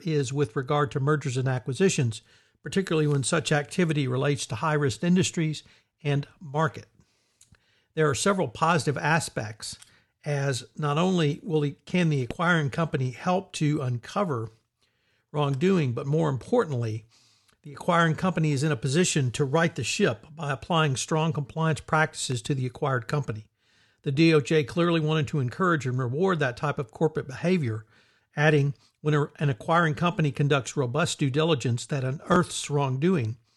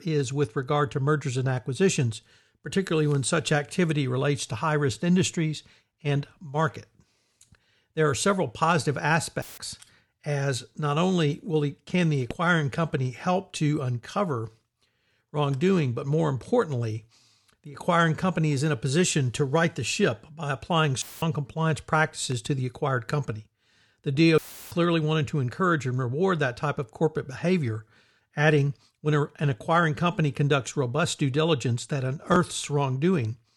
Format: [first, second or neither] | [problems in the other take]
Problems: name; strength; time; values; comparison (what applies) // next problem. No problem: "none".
first | audio cutting out; filled with static; at 9.5 s, at 21 s and at 24 s